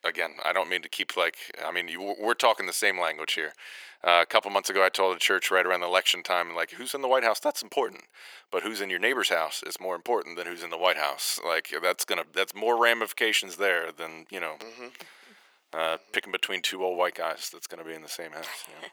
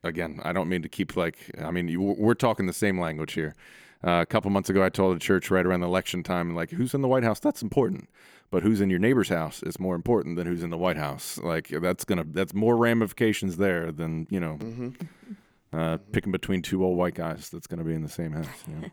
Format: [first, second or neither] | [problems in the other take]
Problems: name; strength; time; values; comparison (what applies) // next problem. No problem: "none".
second | thin; very; fading below 600 Hz